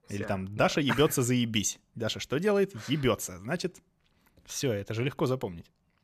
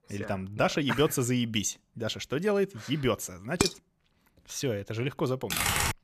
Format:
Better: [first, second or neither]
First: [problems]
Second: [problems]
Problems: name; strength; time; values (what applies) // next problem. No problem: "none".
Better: first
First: none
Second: clattering dishes; loud; at 3.5 s; peak 1 dB above the speech // keyboard typing; loud; at 5.5 s; peak 4 dB above the speech